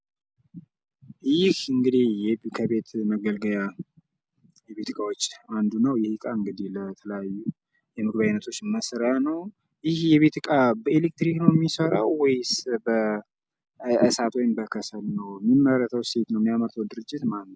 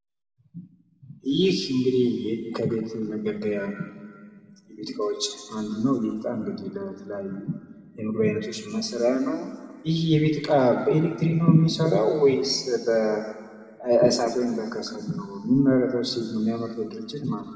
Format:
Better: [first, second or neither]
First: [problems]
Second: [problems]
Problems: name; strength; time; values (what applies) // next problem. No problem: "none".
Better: first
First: none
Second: room echo; dies away in 1.6 s